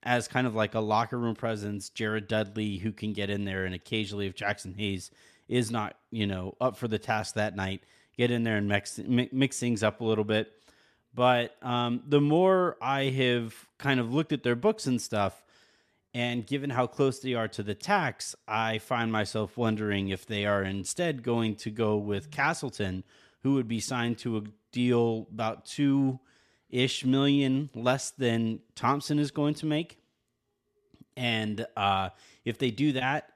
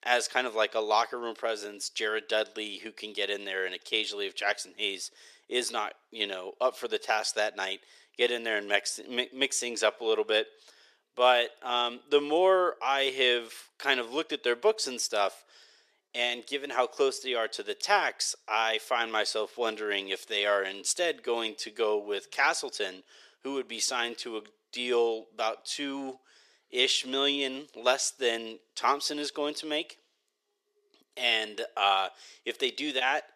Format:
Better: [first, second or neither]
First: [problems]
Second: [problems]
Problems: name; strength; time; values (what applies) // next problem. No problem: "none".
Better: first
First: none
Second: thin; very; fading below 400 Hz